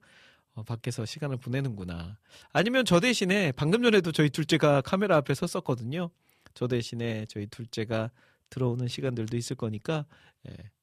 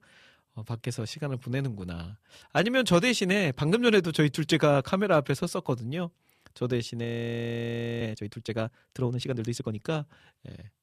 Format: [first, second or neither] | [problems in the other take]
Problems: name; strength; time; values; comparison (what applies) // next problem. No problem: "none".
first | audio freezing; at 7 s for 1 s